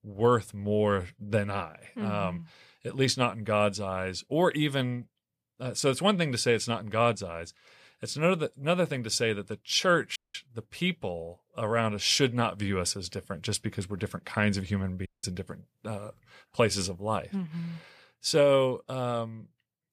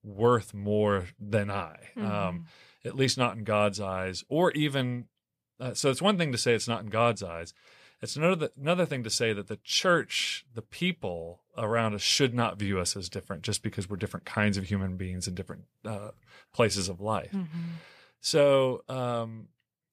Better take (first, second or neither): second